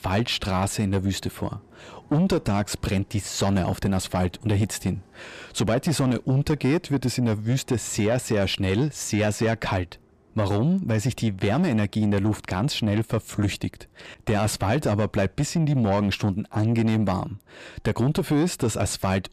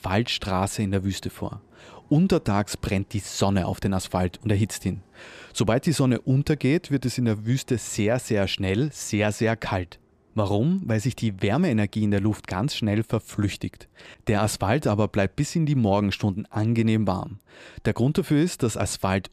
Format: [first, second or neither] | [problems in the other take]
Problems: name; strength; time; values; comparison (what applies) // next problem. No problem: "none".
second | distortion; slight; 10 dB below the speech